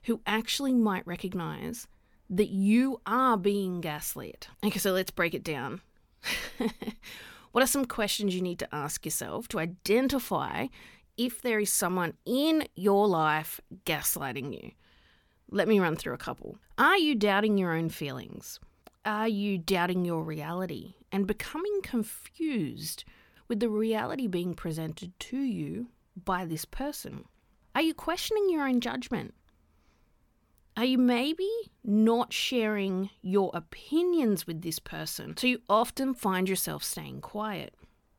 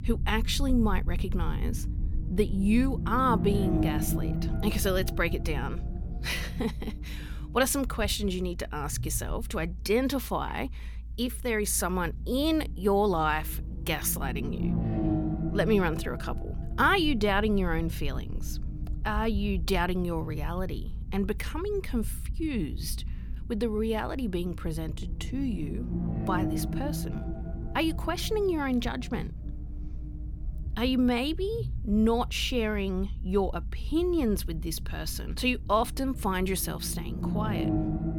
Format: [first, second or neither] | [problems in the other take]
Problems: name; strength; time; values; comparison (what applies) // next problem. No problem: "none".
first | low rumble; noticeable; throughout; 10 dB below the speech